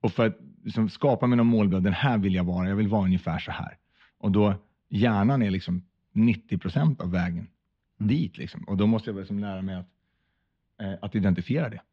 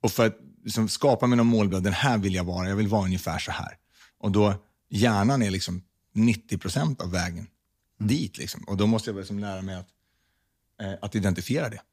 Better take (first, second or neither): second